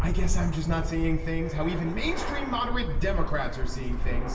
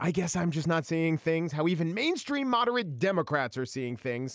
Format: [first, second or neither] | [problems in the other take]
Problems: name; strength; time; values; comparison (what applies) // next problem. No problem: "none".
second | background sound (Fixed-wing aircraft, airplane); 3 dB above the speech // room echo; dies away in 0.9 s